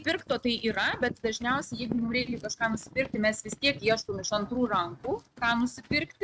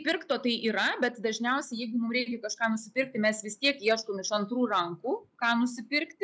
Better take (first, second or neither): second